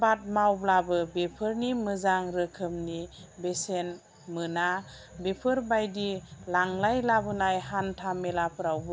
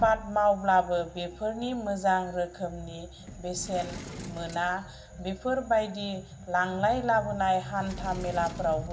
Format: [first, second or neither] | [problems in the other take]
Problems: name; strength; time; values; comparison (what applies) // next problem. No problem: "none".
first | background sound (Sliding door); 15 dB below the speech // room echo; dies away in 0.7 s